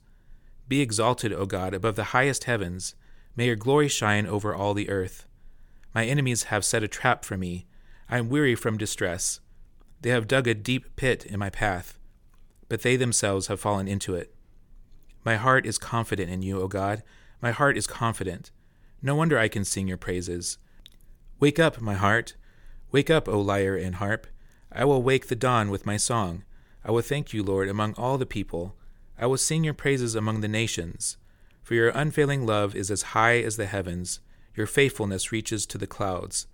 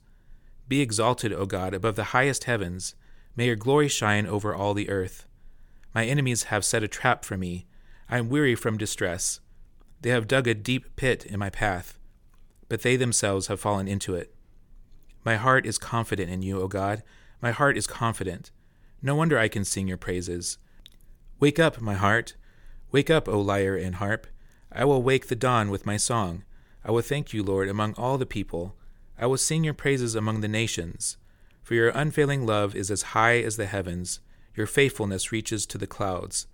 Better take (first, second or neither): neither